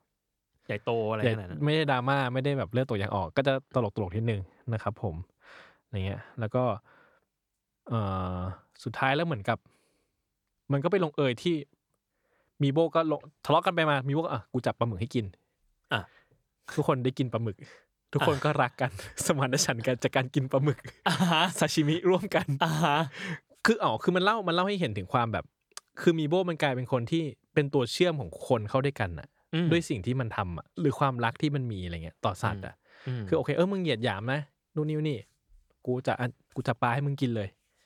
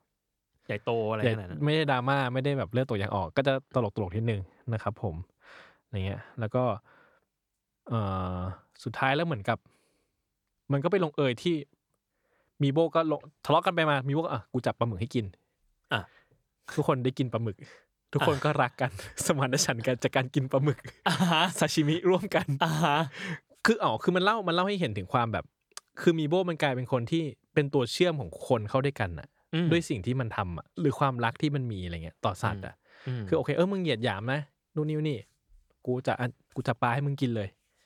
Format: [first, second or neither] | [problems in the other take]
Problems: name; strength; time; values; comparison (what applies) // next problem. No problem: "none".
neither | none